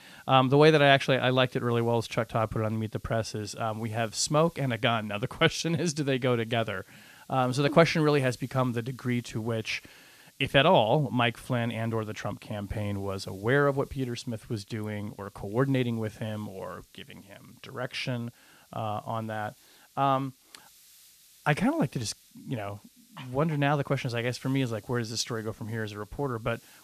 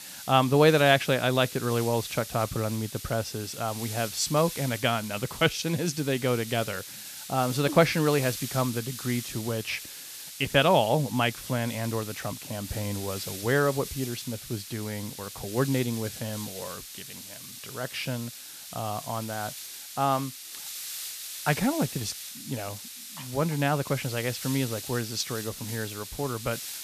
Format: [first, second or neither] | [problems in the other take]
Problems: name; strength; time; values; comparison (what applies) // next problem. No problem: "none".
first | hiss; loud; throughout; 10 dB below the speech; faint in the first